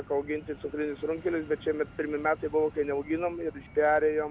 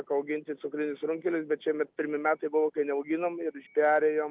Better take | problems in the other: second | background sound (Fixed-wing aircraft, airplane); 19 dB below the speech

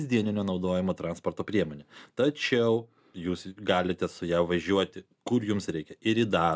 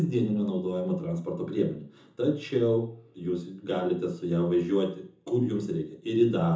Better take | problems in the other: first | room echo; dies away in 0.5 s

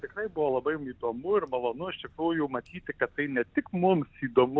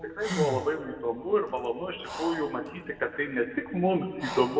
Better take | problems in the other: first | background sound (Breathing); 11 dB below the speech // room echo; dies away in 1.6 s

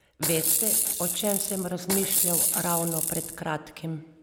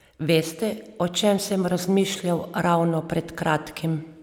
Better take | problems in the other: second | background sound (Rattle / Rattle (instrument)); 4 dB above the speech

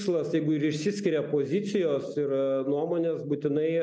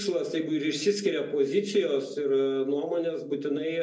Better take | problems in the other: first | room echo; dies away in 0.2 s

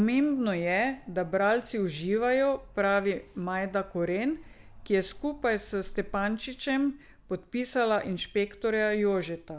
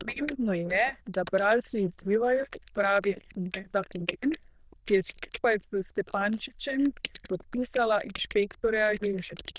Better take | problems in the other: first | noise reduction (neural diffusion model UNIVERSE++)

